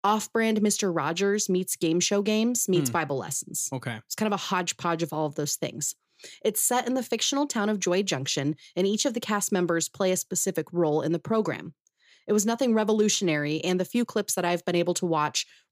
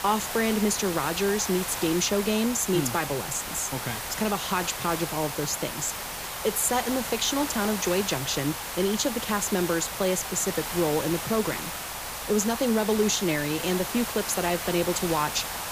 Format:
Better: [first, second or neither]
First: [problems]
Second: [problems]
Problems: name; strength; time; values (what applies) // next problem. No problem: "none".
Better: first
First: none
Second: hiss; loud; throughout; 5 dB below the speech